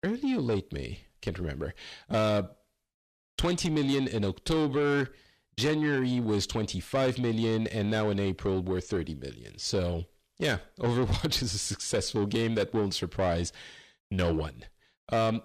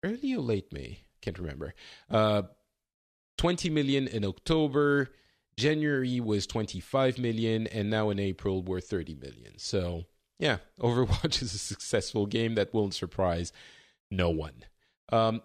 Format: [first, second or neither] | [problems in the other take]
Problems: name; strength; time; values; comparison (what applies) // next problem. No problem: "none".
second | distortion; slight; 10 dB below the speech